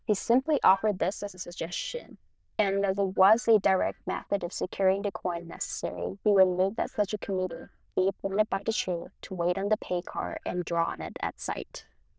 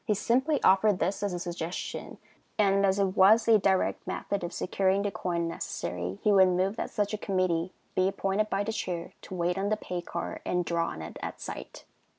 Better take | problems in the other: second | noise reduction (neural diffusion model UNIVERSE++)

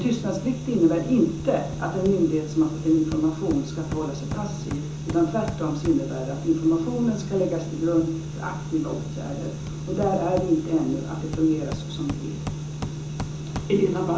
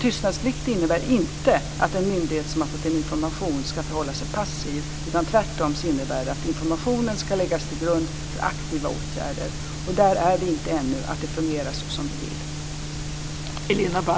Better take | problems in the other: second | background sound (Hammer); 15 dB below the speech // room echo; dies away in 0.6 s

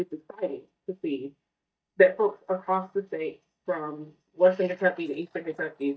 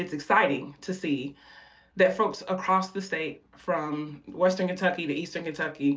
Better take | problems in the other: second | noise reduction (neural mask model DeepFilterNet 3)

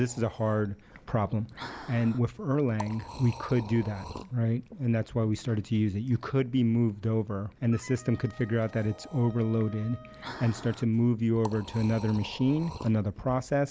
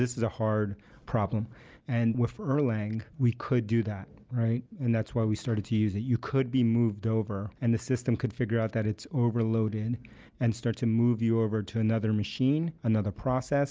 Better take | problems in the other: second | background sound (Liquid + Wind instrument, woodwind instrument); 18 dB below the speech

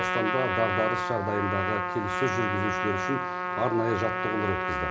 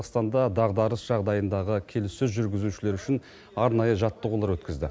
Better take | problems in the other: second | background sound (Trumpet); 1 dB above the speech // room echo; dies away in 1.4 s

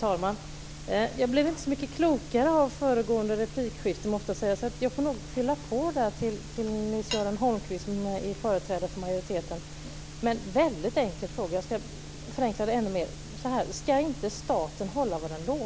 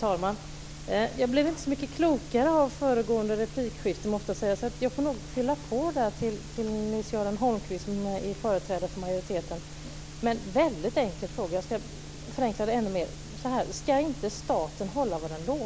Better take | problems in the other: second | background sound (Cutlery, silverware / Dishes, pots, and pans); 17 dB below the speech

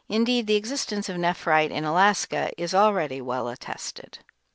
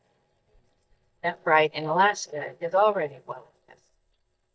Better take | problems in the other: first | noise reduction (neural mask model DeepFilterNet 3)

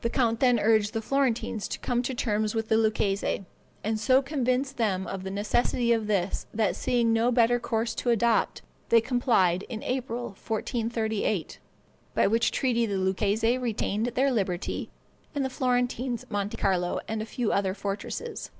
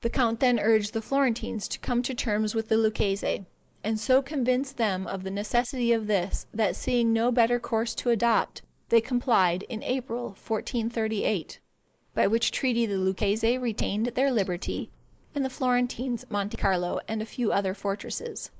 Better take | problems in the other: first | noise reduction (neural mask model Resemble Enhance denoiser)

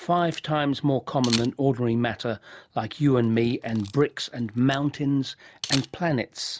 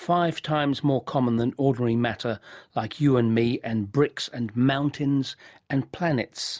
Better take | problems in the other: second | background sound (Camera); 15 dB below the speech

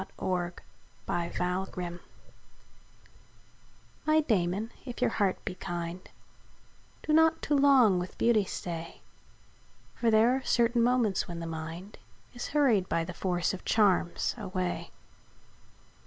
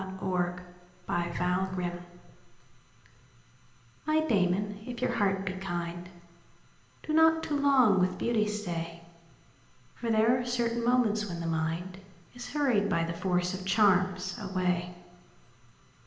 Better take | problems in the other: first | room echo; dies away in 0.9 s

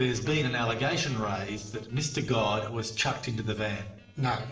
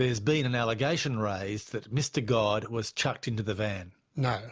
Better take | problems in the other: second | noise reduction (neural separator model SepFormer DNS4)

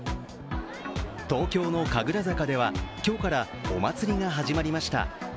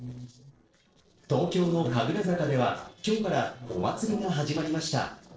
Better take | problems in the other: first | noise reduction (neural separator model SepFormer DNS4)

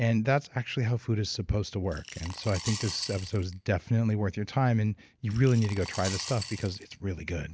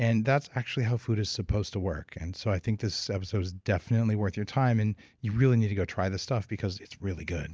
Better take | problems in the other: second | background sound (Coin (dropping) / Glass); 14 dB below the speech

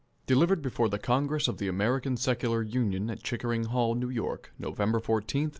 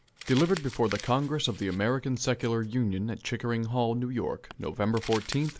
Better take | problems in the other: first | background sound (Crumpling, crinkling); 17 dB below the speech

